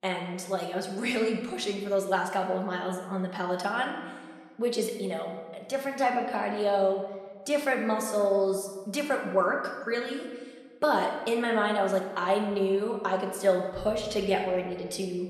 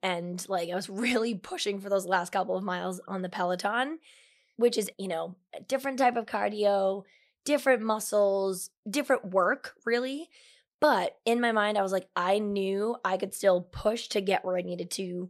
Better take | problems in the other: second | room echo; slight; dies away in 1.3 s // off-mic speech; somewhat distant

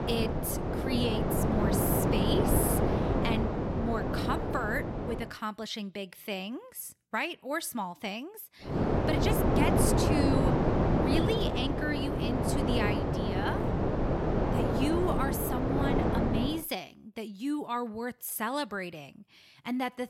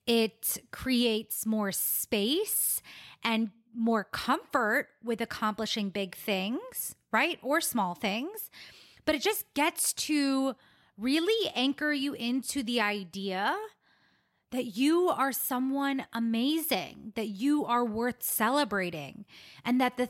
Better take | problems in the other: second | wind noise on the microphone; heavy; until 5 s and from 8.5 to 17 s; 3 dB above the speech

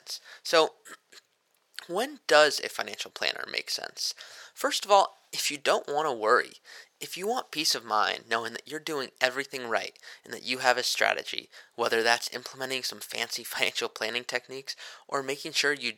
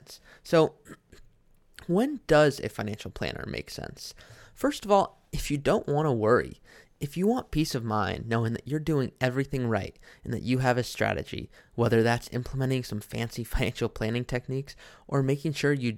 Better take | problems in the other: second | thin; very; fading below 700 Hz

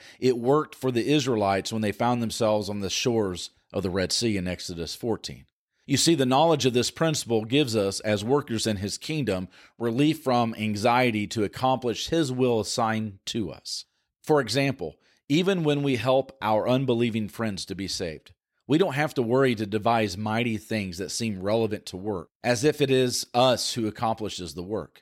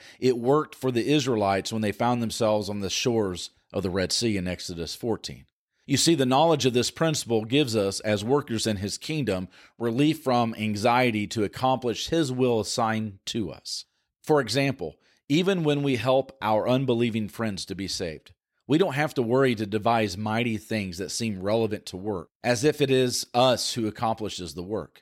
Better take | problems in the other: neither | none

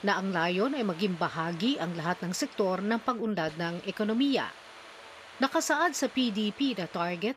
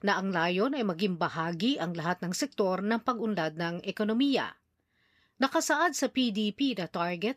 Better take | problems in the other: second | hiss; noticeable; throughout; 20 dB below the speech

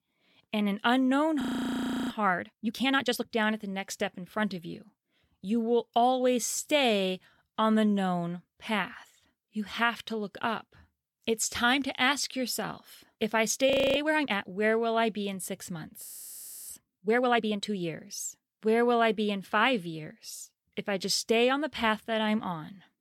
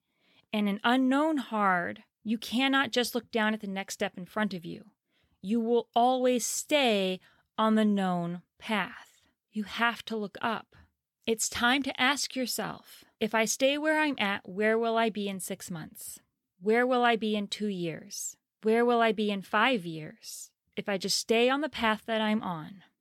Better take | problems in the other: second | audio freezing; at 1.5 s for 0.5 s, at 14 s and at 16 s for 0.5 s

